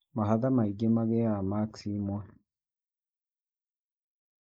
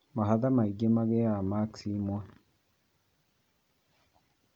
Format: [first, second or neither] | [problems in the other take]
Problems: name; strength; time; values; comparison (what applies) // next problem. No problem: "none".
second | noise reduction (neural mask model Resemble Enhance denoiser)